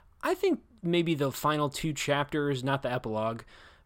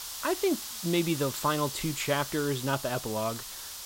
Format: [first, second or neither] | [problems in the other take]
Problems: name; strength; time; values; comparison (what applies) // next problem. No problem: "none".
first | hiss; loud; throughout; 7 dB below the speech